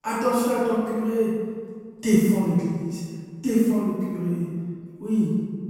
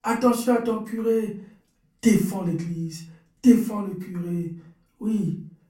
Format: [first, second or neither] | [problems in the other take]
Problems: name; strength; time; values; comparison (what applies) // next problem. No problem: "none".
second | room echo; strong; dies away in 1.7 s; slight in the second // off-mic speech; far; far in the second